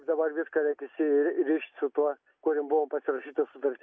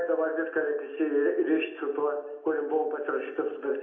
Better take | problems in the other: first | room echo; dies away in 0.7 s

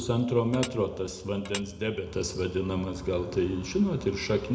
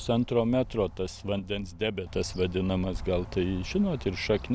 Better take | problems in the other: second | background sound (Tap / Dishes, pots, and pans); 11 dB below the speech // room echo; dies away in 0.6 s

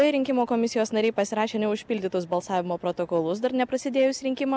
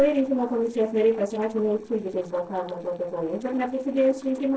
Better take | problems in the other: first | noise reduction (neural separator model SepFormer DNS4)

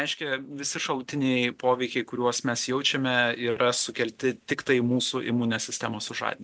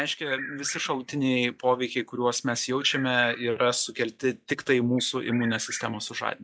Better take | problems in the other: first | noise reduction (classical method log-MMSE)

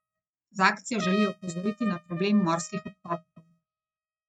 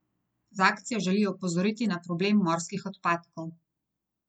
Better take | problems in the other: second | noise reduction (neural mask model RNNoise)

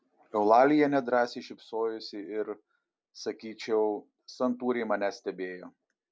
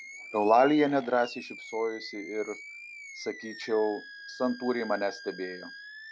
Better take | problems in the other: first | background sound (Animal); 15 dB below the speech

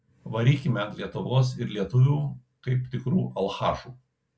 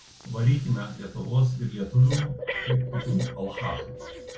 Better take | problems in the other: first | background sound (Breathing); 12 dB below the speech // room echo; dies away in 0.3 s

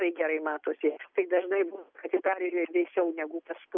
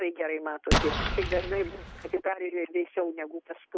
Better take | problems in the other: first | background sound (Explosion); 2 dB above the speech

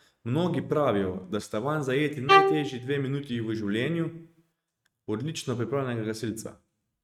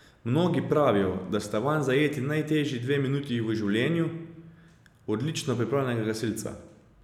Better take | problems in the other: second | noise reduction (neural mask model RNNoise)

